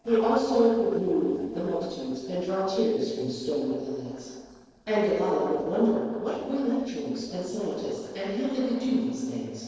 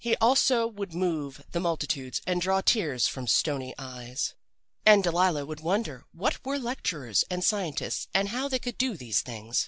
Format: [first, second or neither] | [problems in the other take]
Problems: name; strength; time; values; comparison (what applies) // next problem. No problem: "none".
second | noise reduction (neural separator model SepFormer DNS4)